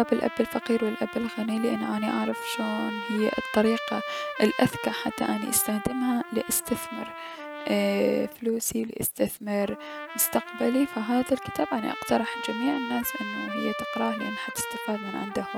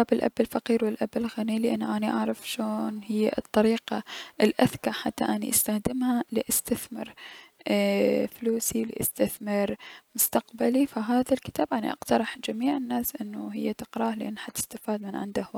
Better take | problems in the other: second | background sound (Trumpet); 9 dB below the speech

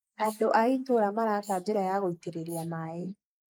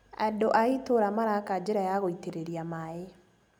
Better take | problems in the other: second | noise reduction (neural mask model Resemble Enhance denoiser)

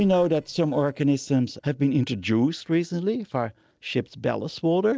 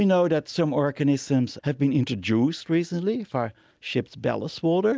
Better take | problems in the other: second | noise reduction (neural separator model SepFormer DNS4)

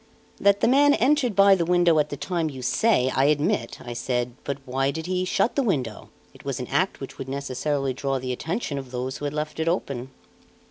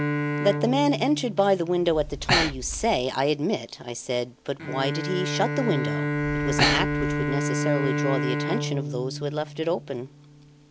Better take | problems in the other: first | background sound (Breathing + Bowed string instrument); 1 dB below the speech

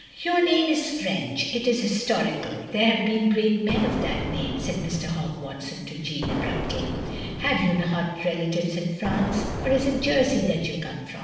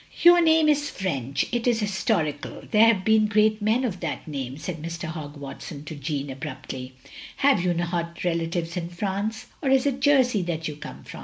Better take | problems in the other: second | background sound (Explosion); 6 dB below the speech // room echo; dies away in 1.2 s

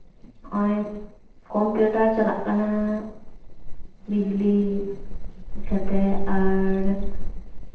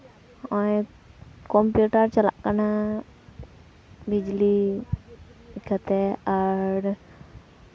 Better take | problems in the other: second | noise reduction (neural separator model SepFormer DNS4)

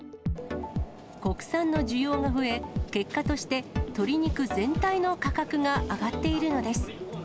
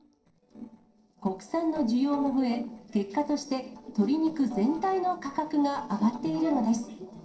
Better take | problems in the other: first | noise reduction (neural separator model SepFormer DNS4)

